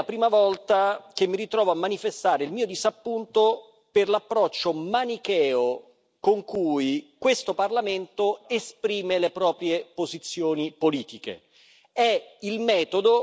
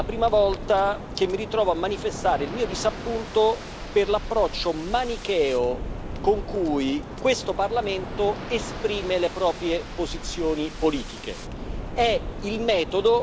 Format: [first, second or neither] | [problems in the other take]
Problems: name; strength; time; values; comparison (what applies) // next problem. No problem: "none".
first | background sound (Waves, surf); 9 dB below the speech